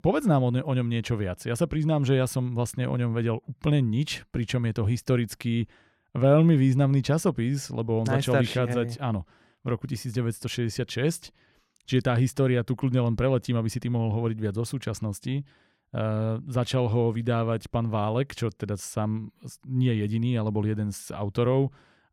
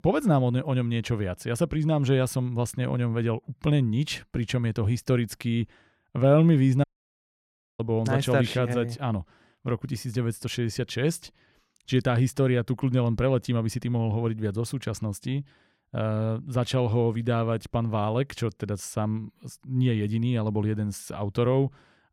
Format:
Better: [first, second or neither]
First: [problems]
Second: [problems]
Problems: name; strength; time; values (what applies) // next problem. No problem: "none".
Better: first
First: none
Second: audio cutting out; at 7 s for 1 s